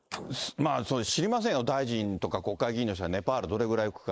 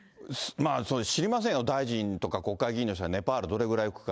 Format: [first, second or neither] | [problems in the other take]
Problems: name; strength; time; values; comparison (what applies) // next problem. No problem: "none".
second | noise reduction (neural mask model Resemble Enhance denoiser)